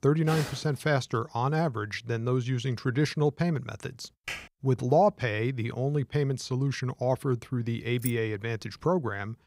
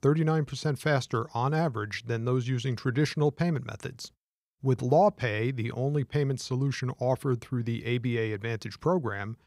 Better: second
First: footsteps; noticeable; at 0.5 s; peak 8 dB below the speech // keyboard typing; noticeable; at 4.5 s; peak 9 dB below the speech // jangling keys; noticeable; at 8 s; peak 10 dB below the speech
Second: none

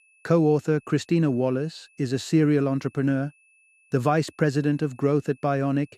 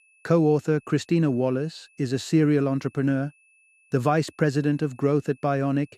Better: neither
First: high-pitched whine; faint; throughout; 2.5 kHz, 35 dB below the speech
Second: high-pitched whine; faint; throughout; 2.5 kHz, 35 dB below the speech

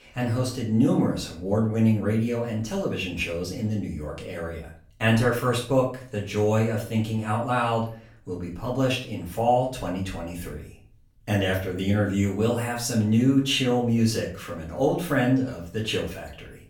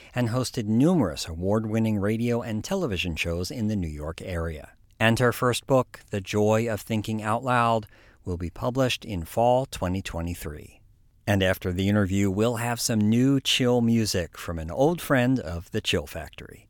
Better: second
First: off-mic speech; far // room echo; slight; dies away in 0.4 s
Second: none

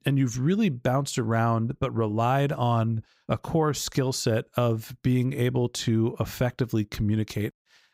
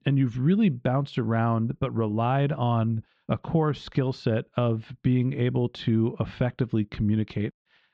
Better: first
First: none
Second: muffled; slightly; fading above 3.5 kHz

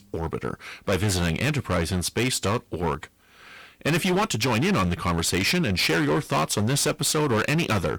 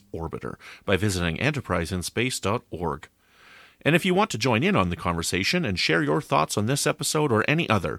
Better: second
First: distortion; heavy; 17% of the sound clipped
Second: none

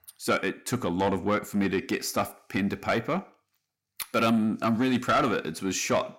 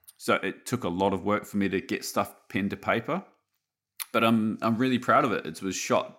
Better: second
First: distortion; slight; 10 dB below the speech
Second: none

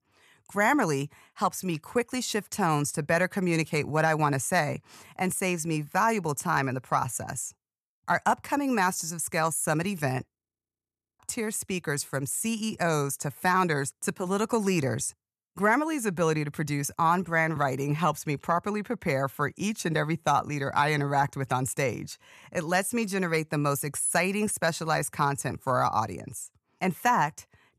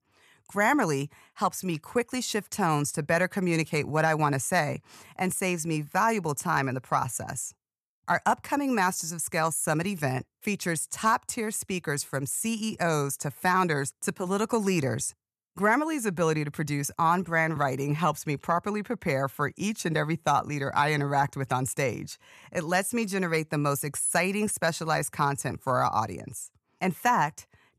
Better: second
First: audio freezing; at 10 s for 1 s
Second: none

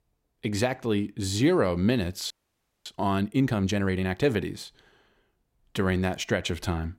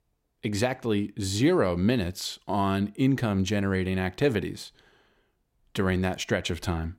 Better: second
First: audio freezing; at 2.5 s for 0.5 s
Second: none

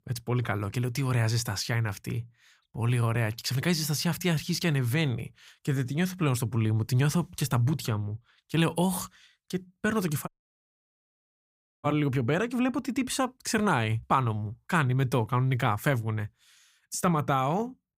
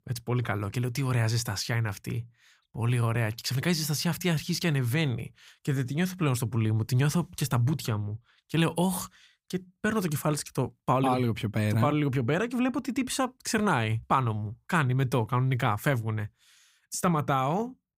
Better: second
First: audio cutting out; at 10 s for 1.5 s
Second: none

